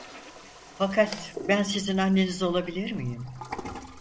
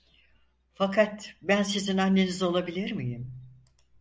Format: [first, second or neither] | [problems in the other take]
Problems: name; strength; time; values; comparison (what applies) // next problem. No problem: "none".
second | background sound (Toilet flush); 14 dB below the speech